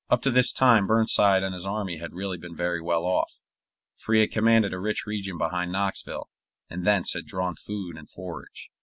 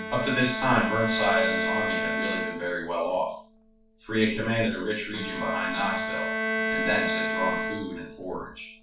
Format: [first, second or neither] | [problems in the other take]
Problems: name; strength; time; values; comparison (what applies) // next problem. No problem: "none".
first | background sound (Bowed string instrument); 2 dB below the speech // room echo; dies away in 0.3 s